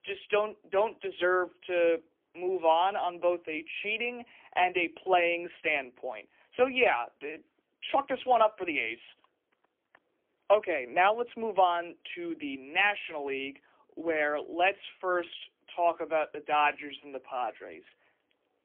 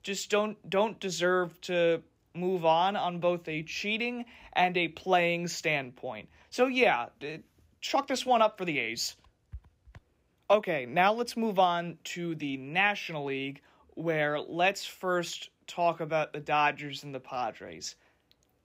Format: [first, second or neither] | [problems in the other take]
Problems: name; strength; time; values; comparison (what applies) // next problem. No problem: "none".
second | phone-call audio; poor line